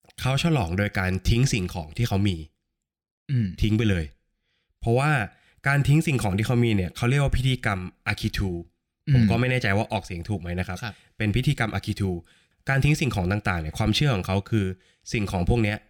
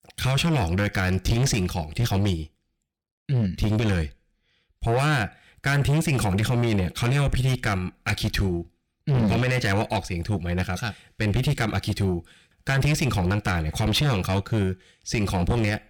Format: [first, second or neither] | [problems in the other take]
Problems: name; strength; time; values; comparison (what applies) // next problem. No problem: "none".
first | distortion; heavy; 7 dB below the speech